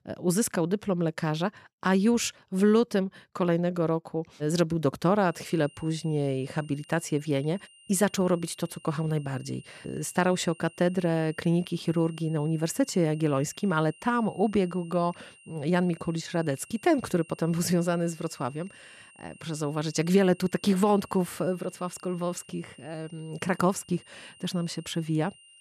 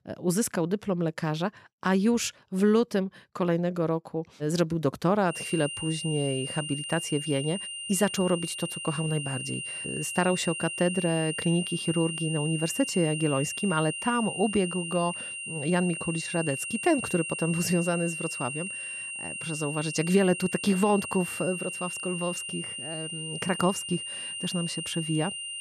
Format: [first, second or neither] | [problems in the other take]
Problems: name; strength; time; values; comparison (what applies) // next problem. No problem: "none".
first | high-pitched whine; loud; from 5.5 s on; 3 kHz, 5 dB below the speech; faint in the first